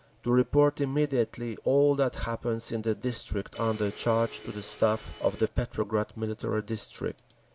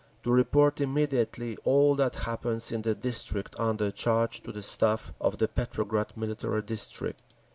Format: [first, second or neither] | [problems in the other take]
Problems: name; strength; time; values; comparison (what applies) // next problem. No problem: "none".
second | background sound (Domestic sounds, home sounds); 19 dB below the speech